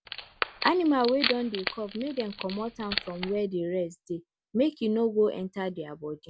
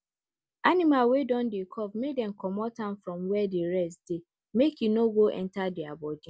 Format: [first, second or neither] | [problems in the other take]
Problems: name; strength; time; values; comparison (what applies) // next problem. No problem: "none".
second | background sound (Wood); 6 dB below the speech